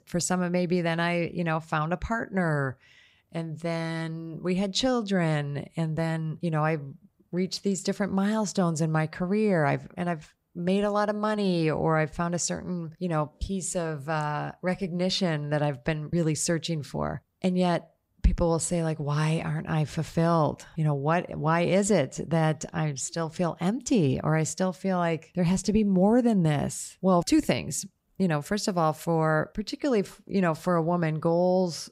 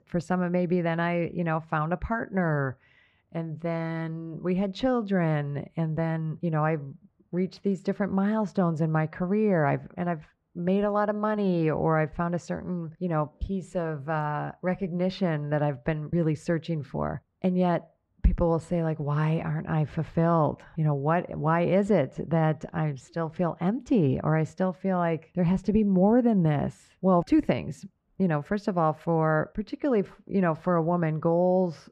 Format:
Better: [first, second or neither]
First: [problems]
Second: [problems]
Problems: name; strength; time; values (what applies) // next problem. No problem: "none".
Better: first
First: none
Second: muffled; very; fading above 4 kHz